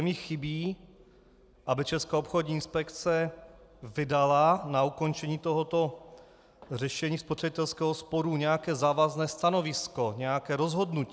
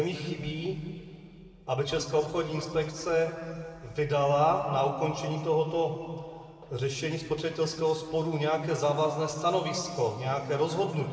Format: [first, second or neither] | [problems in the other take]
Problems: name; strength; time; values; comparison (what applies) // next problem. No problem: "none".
first | room echo; dies away in 2.3 s